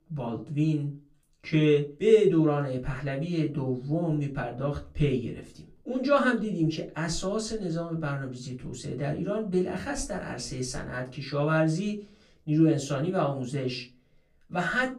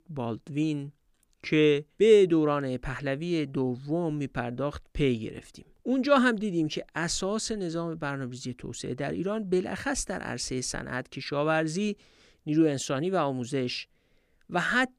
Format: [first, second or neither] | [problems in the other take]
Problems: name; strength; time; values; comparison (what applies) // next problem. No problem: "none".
second | off-mic speech; far // room echo; very slight; dies away in 0.3 s